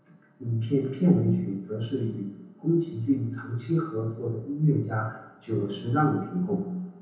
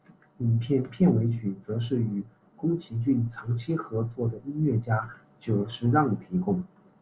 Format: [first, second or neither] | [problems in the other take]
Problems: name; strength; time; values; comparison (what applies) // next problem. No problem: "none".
second | room echo; dies away in 0.9 s